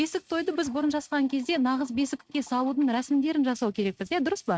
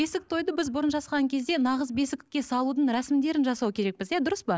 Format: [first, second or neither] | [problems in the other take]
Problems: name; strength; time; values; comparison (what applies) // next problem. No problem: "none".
second | noise reduction (neural mask model RNNoise)